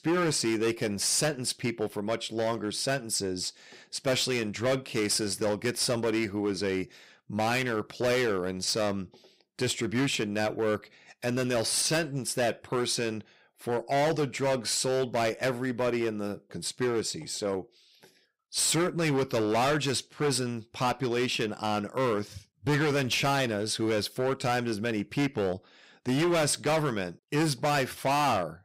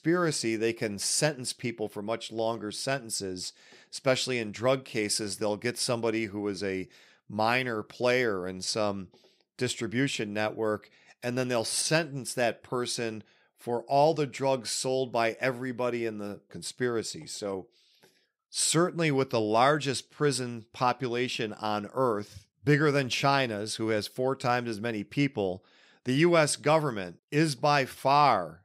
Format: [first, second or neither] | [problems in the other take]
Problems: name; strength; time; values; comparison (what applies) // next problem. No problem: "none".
second | distortion; heavy; 13% of the sound clipped